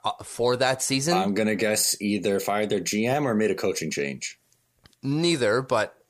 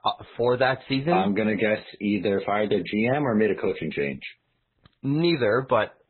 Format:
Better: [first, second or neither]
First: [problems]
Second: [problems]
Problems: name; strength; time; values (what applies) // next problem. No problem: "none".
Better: first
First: none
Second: garbled, watery; badly; nothing above 4 kHz